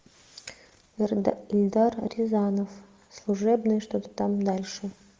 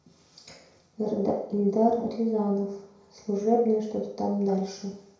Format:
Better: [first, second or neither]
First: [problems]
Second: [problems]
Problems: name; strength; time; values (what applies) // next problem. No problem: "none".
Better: first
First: none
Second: room echo; dies away in 0.6 s